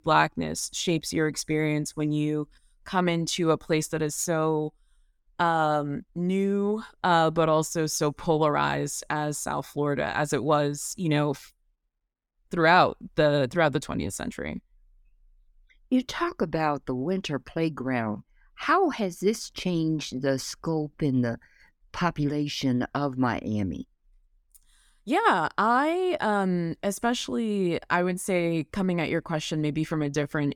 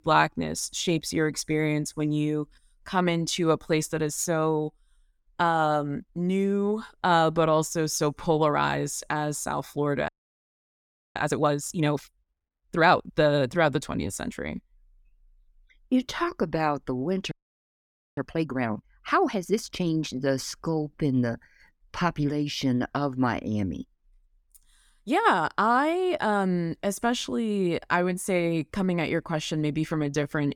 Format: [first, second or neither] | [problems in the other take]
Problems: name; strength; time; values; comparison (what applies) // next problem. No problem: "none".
first | audio freezing; at 10 s for 1 s and at 17 s for 1 s